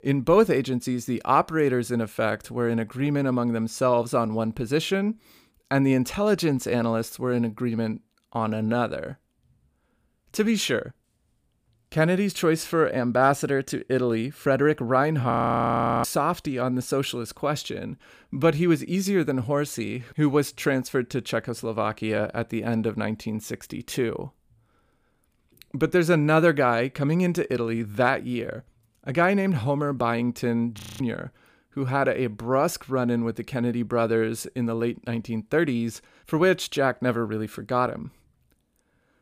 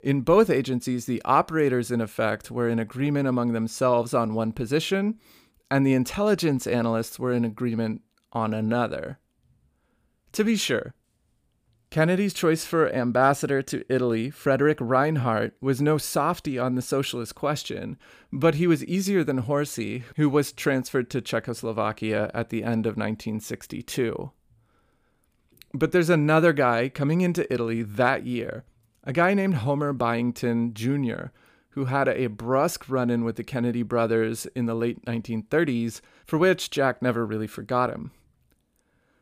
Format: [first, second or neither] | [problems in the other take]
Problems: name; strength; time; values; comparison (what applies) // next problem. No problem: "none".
second | audio freezing; at 15 s for 0.5 s and at 31 s